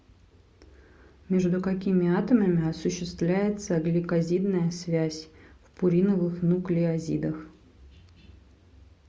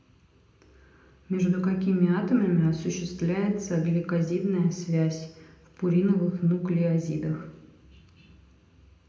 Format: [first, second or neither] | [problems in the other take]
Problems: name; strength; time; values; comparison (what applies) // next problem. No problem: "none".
first | room echo; dies away in 0.7 s